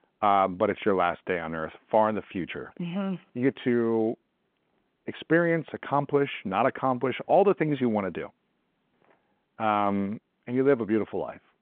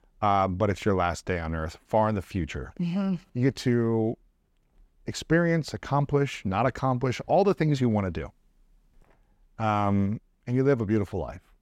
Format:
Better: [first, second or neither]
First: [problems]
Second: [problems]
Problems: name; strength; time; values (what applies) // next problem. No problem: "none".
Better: second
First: phone-call audio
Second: none